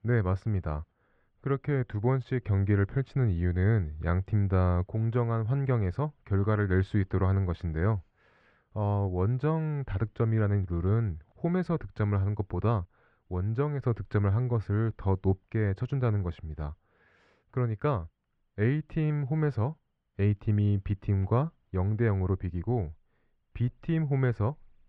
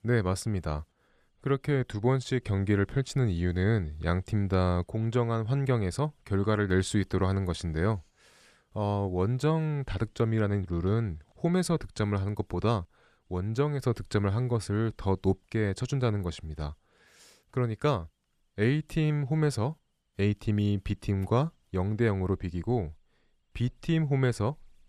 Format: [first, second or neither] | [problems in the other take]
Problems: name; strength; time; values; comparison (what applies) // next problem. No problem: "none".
second | muffled; very; fading above 2 kHz